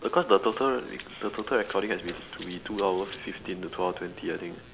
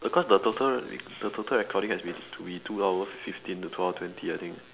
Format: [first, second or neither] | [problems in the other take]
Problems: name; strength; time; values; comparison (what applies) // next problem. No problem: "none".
second | background sound (Run + Fixed-wing aircraft, airplane); 19 dB below the speech